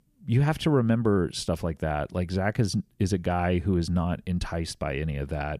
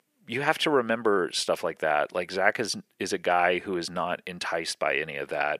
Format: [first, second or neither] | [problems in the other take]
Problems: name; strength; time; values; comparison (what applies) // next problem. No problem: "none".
first | thin; very; fading below 500 Hz